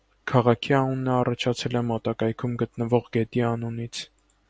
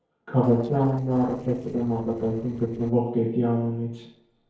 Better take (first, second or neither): first